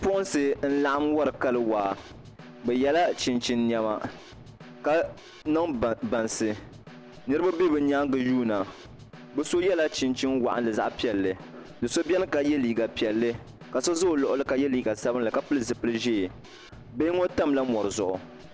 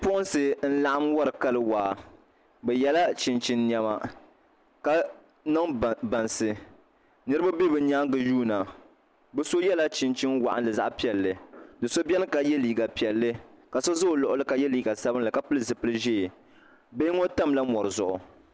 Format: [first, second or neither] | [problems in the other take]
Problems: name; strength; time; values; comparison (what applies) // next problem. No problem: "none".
second | background sound (Snare drum / Drum kit); 19 dB below the speech